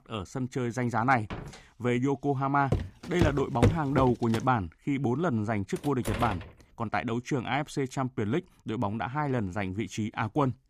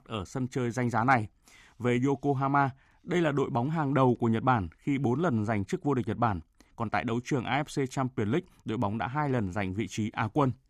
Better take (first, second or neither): second